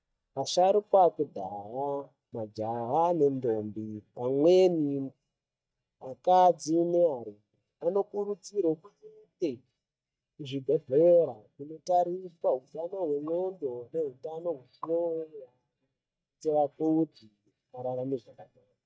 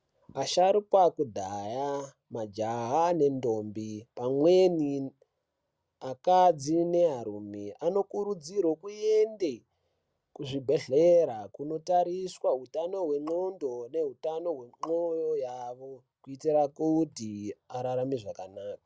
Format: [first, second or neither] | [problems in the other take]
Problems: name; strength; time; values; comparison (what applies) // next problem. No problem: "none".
second | noise reduction (neural mask model DeepFilterNet 3)